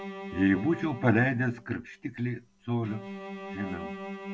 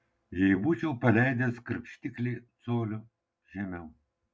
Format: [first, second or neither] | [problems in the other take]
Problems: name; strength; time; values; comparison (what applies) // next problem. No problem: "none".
second | background sound (Bowed string instrument); 11 dB below the speech